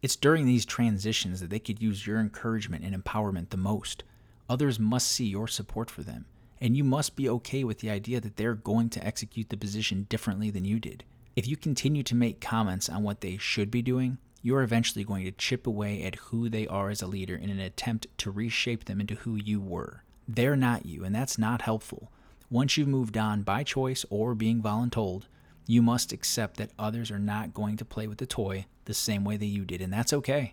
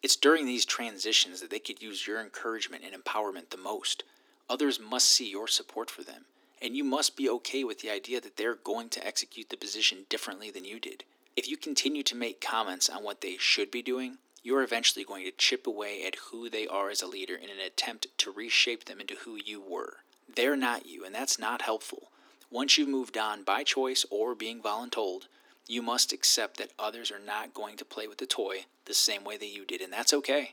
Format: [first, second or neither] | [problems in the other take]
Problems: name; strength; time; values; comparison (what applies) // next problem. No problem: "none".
first | thin; somewhat; fading below 250 Hz